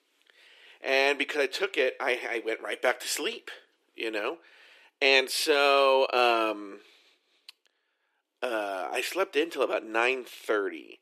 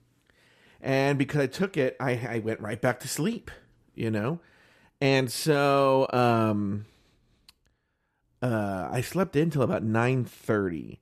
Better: second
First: thin; very; fading below 350 Hz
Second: none

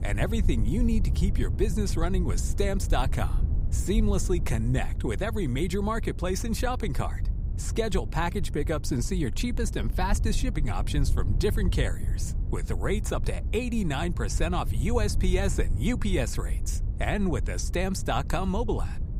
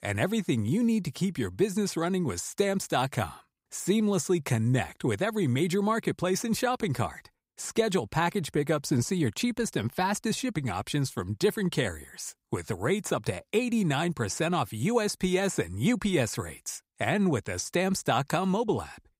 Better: second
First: wind noise on the microphone; occasional gusts; 15 dB below the speech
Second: none

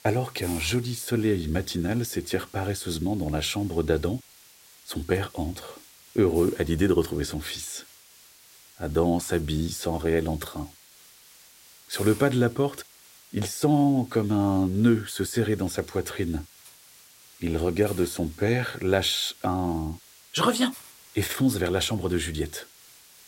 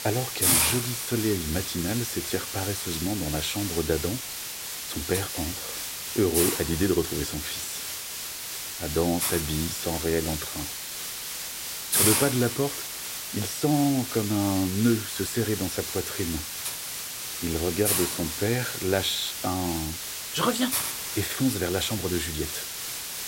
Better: first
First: hiss; faint; throughout; 20 dB below the speech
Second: hiss; loud; throughout; 1 dB below the speech

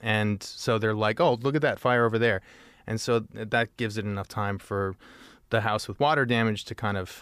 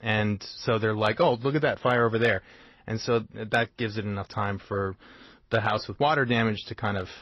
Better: first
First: none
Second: garbled, watery; slightly; nothing above 15 kHz

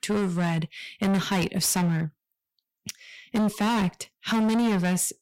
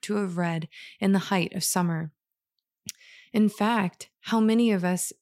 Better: second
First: distortion; heavy; 18% of the sound clipped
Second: none

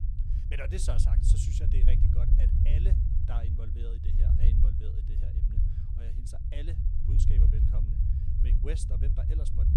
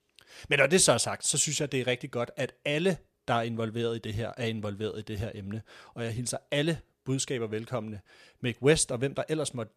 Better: second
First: low rumble; loud; throughout; as loud as the speech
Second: none

